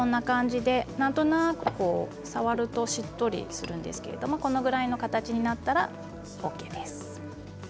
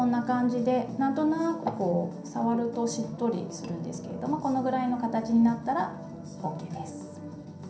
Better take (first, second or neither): first